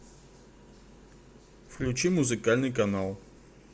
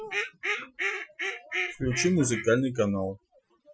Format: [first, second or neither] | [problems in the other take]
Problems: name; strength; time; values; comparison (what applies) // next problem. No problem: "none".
first | noise reduction (classical method Wiener filter)